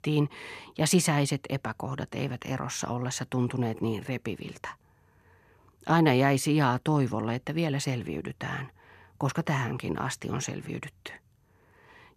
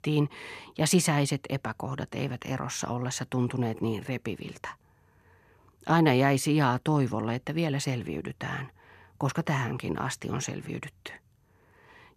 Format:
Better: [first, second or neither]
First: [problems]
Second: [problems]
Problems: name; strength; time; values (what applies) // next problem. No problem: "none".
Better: neither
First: none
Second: none